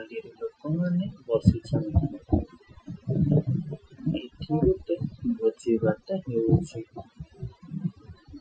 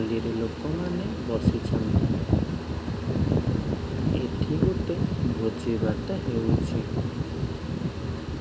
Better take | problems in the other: second | noise reduction (classical method Wiener filter)

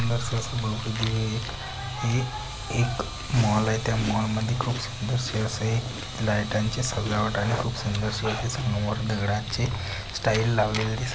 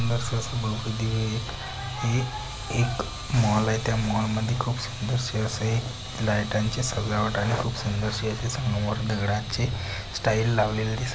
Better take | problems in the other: second | background sound (Chewing, mastication); 16 dB below the speech

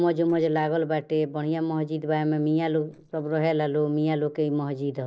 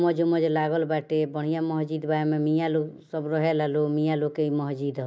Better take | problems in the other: second | noise reduction (neural separator model SepFormer DNS4)

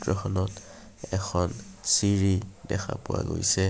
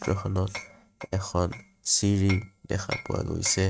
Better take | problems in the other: first | noise reduction (neural mask model RNNoise)

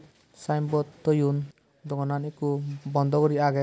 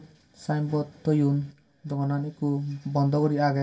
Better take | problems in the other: first | room echo; dies away in 0.2 s

